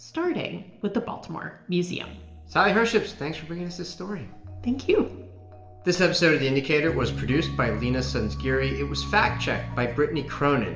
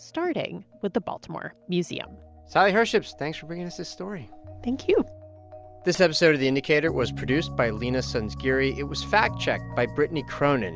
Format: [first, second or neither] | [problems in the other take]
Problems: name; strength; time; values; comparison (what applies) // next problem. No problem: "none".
second | room echo; dies away in 0.8 s